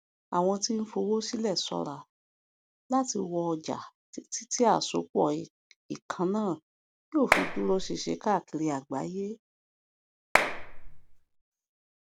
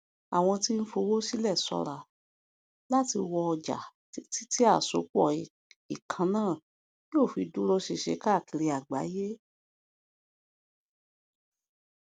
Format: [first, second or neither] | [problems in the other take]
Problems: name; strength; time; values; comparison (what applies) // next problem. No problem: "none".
second | background sound (Clapping); 1 dB above the speech